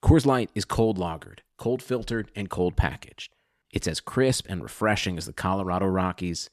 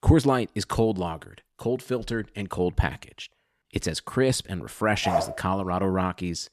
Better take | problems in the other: first | dog barking; noticeable; at 5 s; peak level with the speech

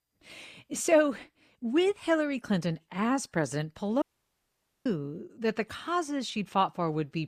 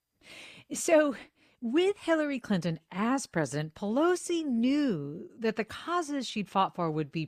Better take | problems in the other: second | audio cutting out; at 4 s for 1 s

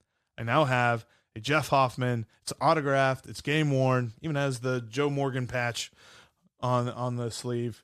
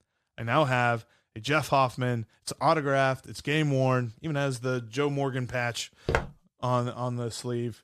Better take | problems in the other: first | footsteps; noticeable; at 6 s; peak 2 dB below the speech

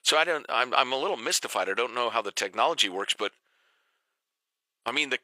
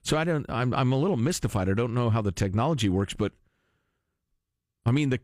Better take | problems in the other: second | thin; very; fading below 550 Hz

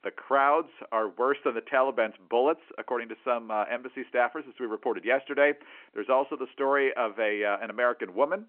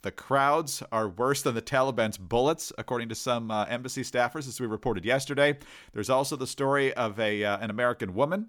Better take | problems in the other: second | phone-call audio

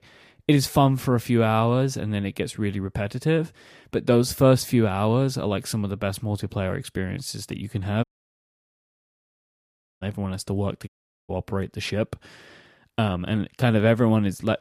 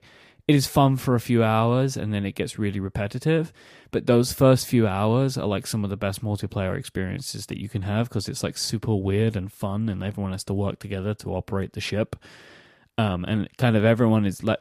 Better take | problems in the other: second | audio cutting out; at 8 s for 2 s and at 11 s

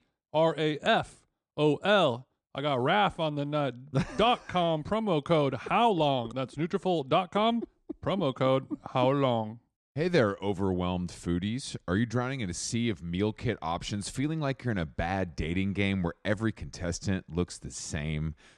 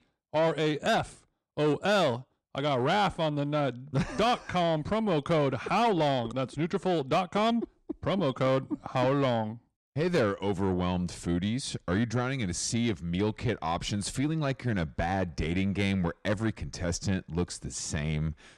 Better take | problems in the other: first | distortion; slight; 10 dB below the speech

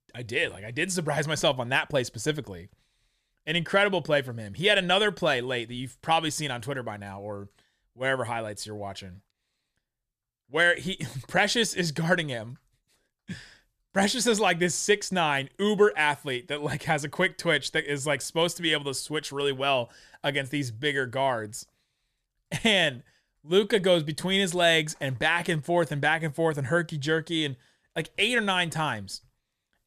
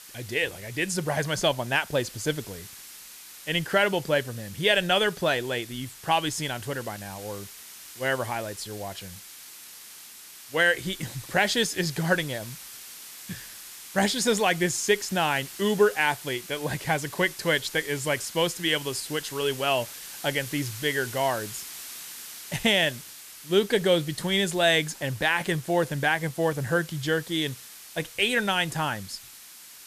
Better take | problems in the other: first | hiss; noticeable; throughout; 15 dB below the speech

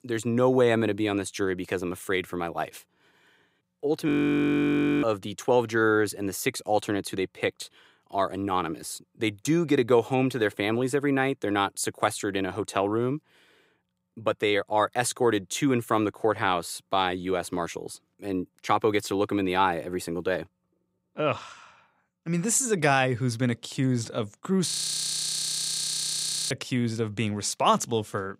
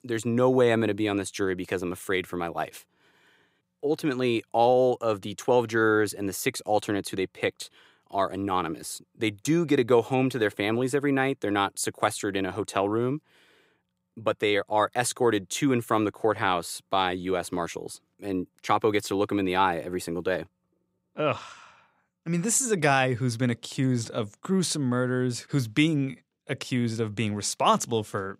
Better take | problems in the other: second | audio freezing; at 4 s for 1 s and at 25 s for 2 s

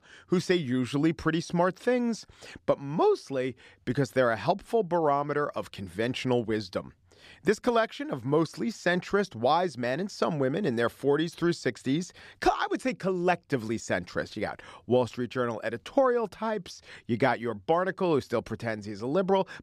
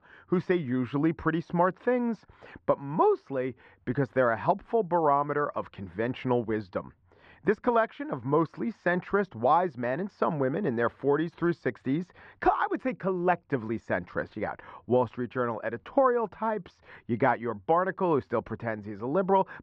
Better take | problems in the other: first | muffled; very; fading above 1.5 kHz

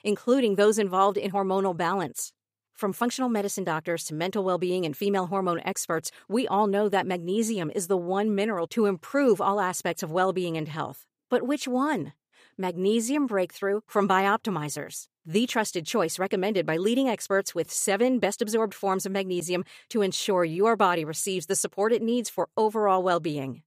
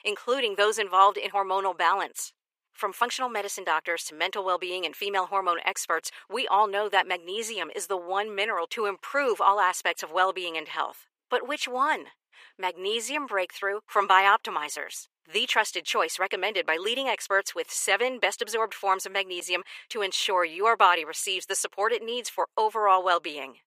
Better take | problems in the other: first | thin; very; fading below 450 Hz

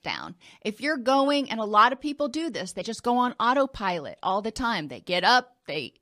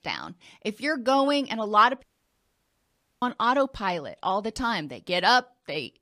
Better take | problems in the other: first | audio cutting out; at 2 s for 1 s

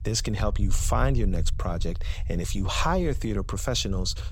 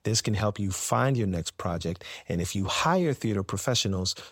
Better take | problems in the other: second | low rumble; faint; throughout; 20 dB below the speech

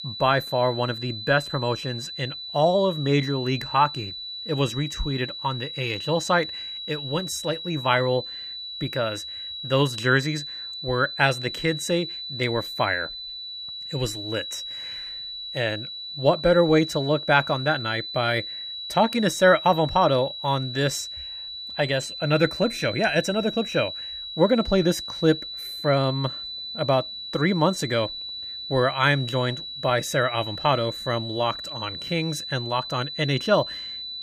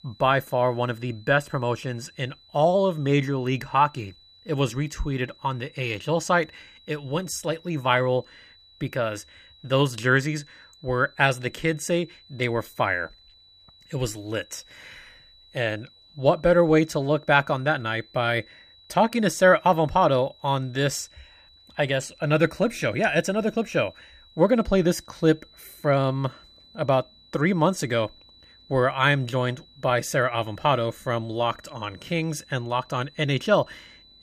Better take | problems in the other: second | high-pitched whine; loud; throughout; 4 kHz, 8 dB below the speech; faint in the second

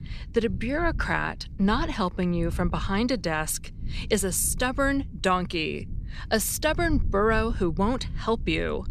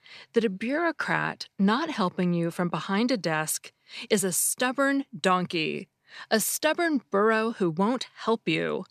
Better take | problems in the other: second | low rumble; faint; throughout; 25 dB below the speech

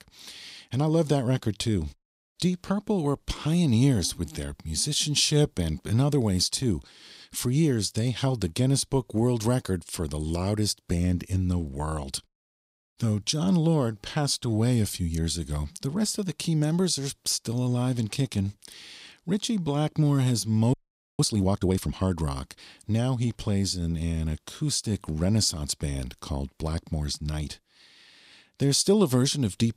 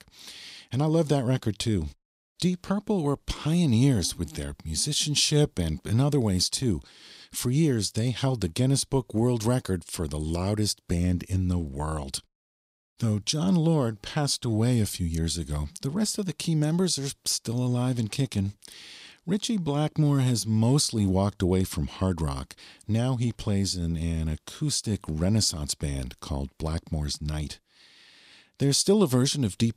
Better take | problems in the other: second | audio freezing; at 21 s

